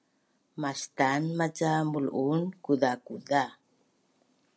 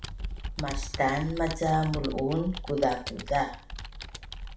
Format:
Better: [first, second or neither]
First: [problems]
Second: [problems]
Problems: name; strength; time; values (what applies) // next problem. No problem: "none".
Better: first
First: none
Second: background sound (Computer keyboard); 7 dB below the speech // room echo; dies away in 0.4 s